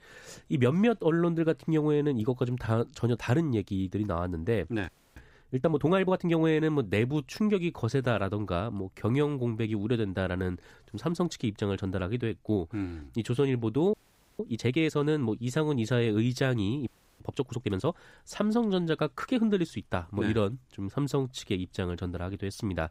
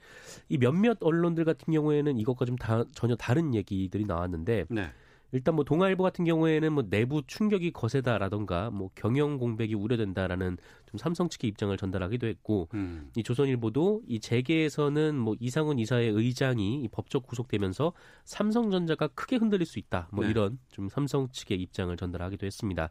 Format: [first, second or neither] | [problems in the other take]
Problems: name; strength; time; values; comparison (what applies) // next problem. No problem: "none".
second | audio freezing; at 5 s, at 14 s and at 17 s